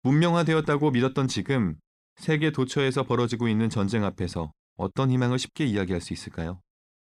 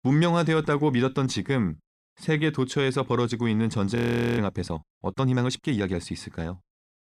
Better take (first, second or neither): first